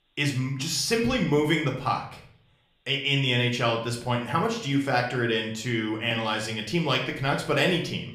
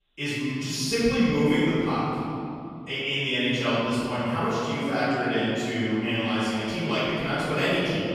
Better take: first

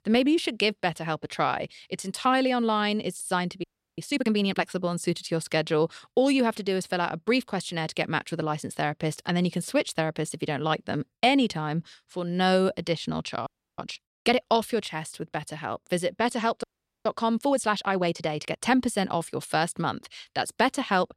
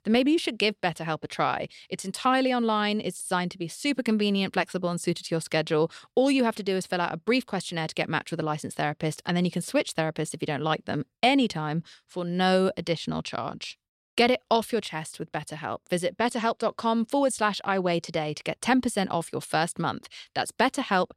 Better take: second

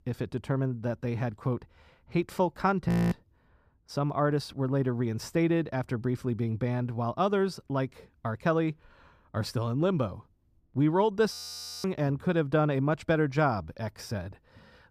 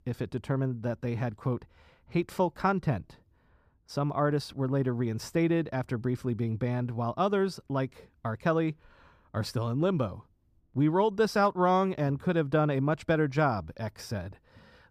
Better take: second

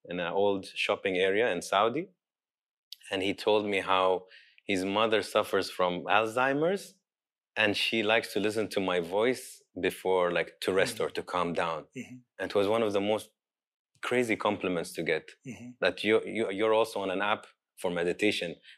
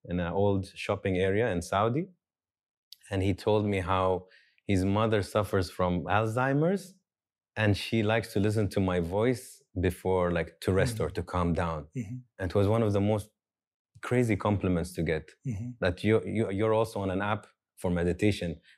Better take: second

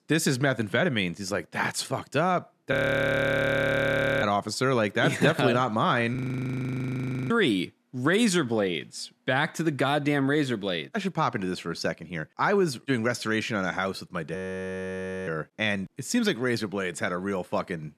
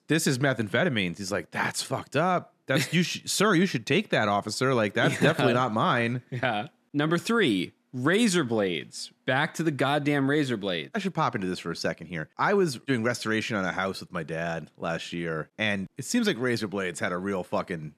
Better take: second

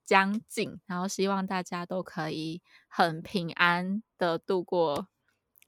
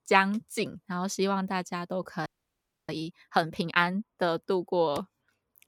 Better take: first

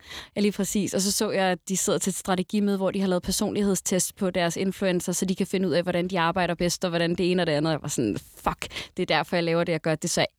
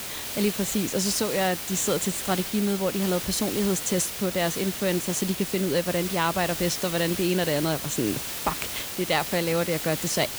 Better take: first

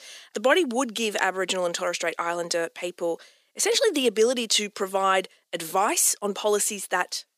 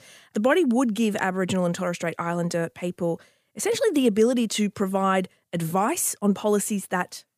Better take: second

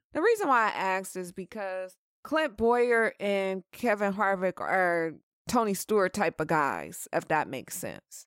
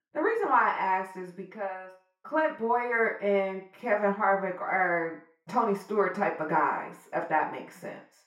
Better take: first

